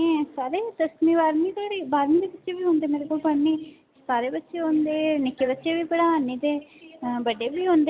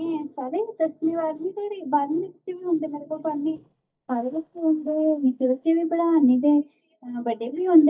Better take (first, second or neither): first